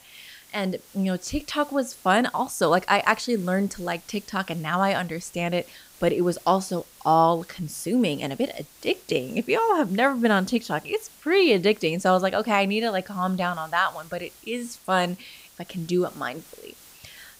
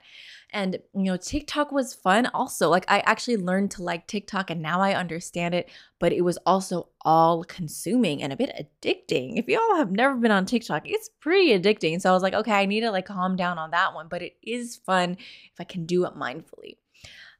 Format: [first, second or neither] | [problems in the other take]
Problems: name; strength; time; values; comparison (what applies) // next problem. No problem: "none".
second | hiss; faint; throughout; 25 dB below the speech